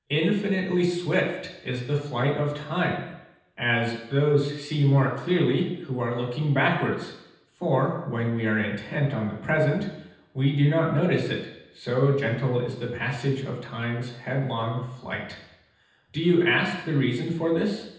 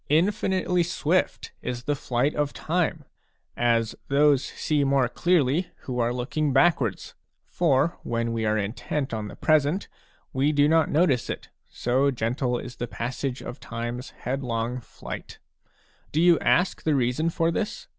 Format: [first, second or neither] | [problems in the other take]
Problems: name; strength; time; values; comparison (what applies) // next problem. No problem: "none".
second | room echo; dies away in 0.9 s